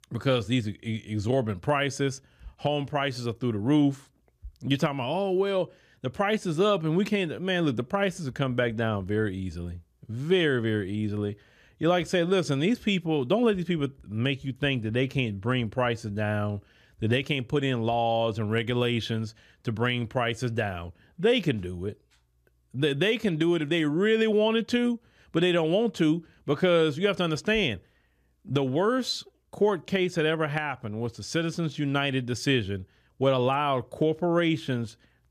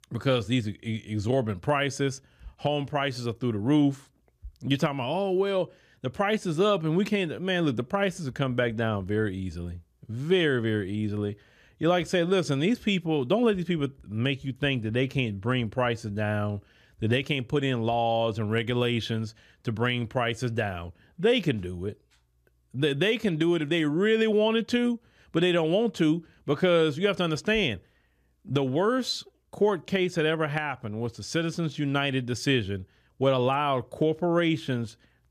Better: neither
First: none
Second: none

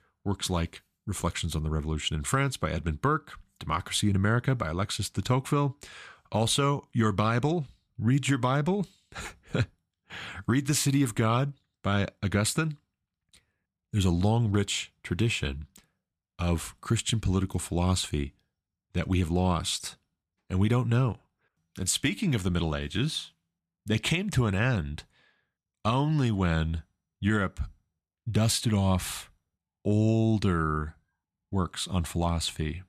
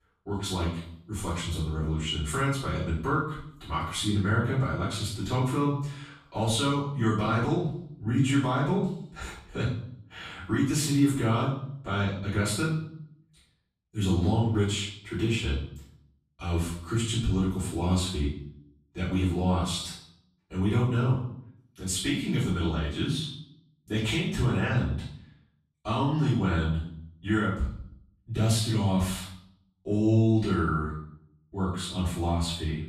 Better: first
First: none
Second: off-mic speech; far // room echo; noticeable; dies away in 0.6 s

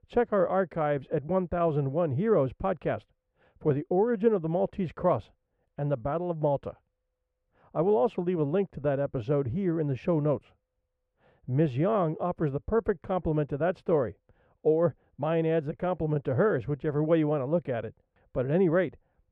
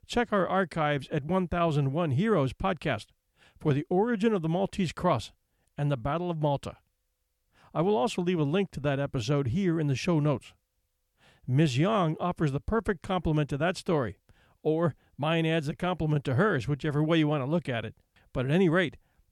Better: second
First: muffled; very; fading above 3.5 kHz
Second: none

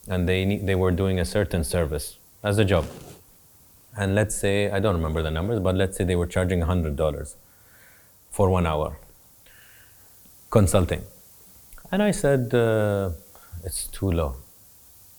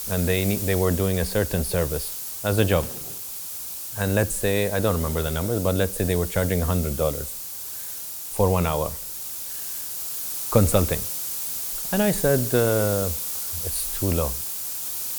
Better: first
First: hiss; faint; throughout; 25 dB below the speech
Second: hiss; loud; throughout; 4 dB below the speech

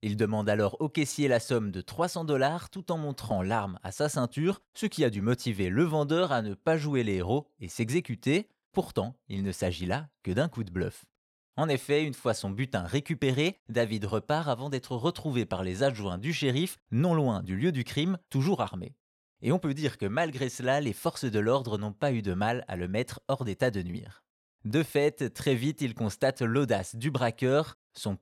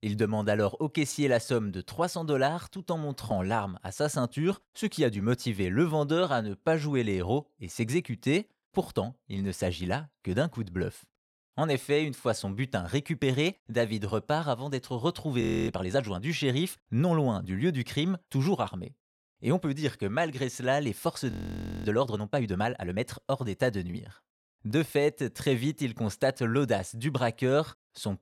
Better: first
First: none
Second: audio freezing; at 15 s and at 21 s for 0.5 s

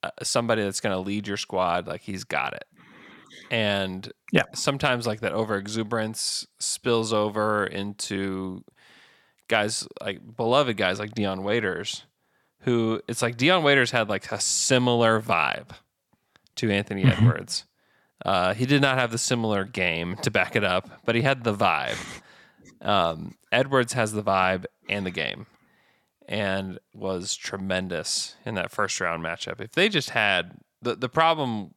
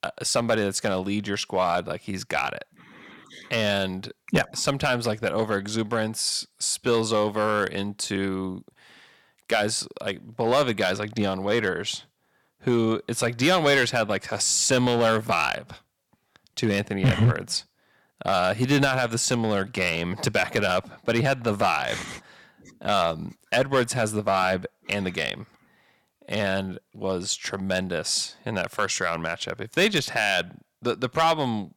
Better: first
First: none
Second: distortion; slight; 2% of the sound clipped

